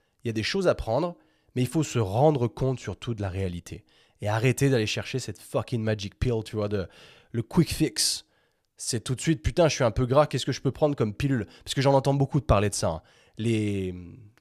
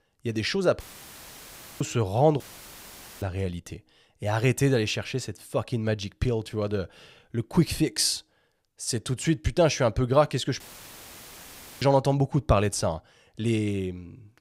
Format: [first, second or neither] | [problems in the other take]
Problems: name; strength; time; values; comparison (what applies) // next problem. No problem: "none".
first | audio cutting out; filled with static; at 1 s for 1 s, at 2.5 s for 1 s and at 11 s for 1 s